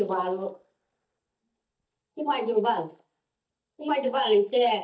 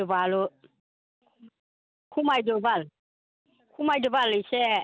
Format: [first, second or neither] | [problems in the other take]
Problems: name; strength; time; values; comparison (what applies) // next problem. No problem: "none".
second | noise reduction (neural mask model DeepFilterNet 3)